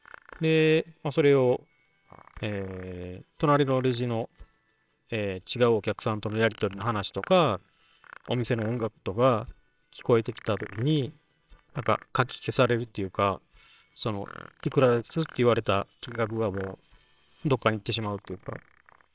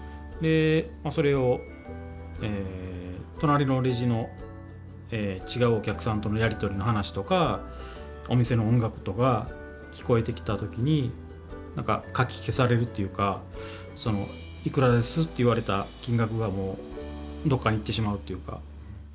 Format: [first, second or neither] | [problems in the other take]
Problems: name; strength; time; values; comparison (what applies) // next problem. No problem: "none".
second | noise reduction (neural separator model SepFormer WHAMR!)